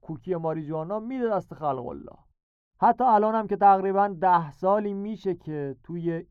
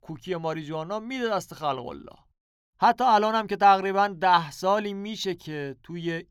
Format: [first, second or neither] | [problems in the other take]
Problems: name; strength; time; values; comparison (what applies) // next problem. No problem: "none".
second | muffled; very; fading above 2 kHz